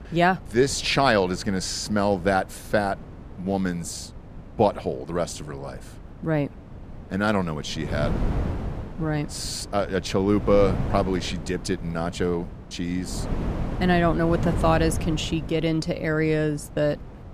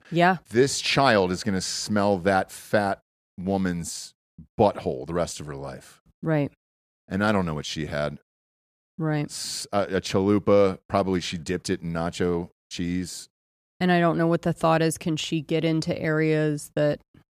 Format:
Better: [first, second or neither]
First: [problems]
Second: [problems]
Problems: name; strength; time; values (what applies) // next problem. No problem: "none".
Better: second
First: wind noise on the microphone; occasional gusts; 15 dB below the speech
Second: none